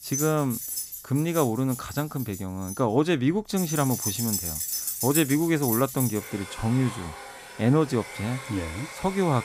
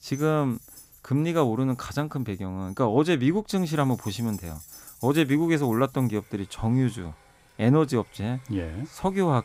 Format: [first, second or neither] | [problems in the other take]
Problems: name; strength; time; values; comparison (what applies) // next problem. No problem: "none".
second | household noises; loud; throughout; 6 dB below the speech; faint in the second